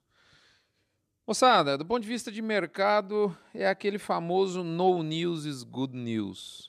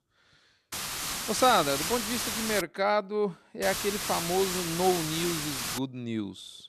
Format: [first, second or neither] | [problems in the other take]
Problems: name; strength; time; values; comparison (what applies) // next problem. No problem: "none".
first | hiss; loud; from 0.5 to 2.5 s and from 3.5 to 6 s; 2 dB below the speech